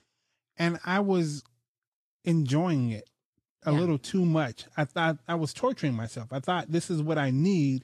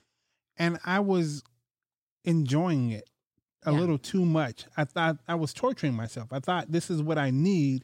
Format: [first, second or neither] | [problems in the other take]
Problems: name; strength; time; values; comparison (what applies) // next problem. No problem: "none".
second | garbled, watery; slightly; nothing above 12.5 kHz